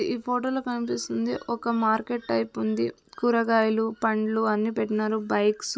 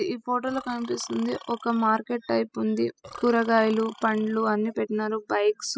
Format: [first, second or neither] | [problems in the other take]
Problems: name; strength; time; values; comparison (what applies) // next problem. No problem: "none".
first | noise reduction (classical method spectral subtraction)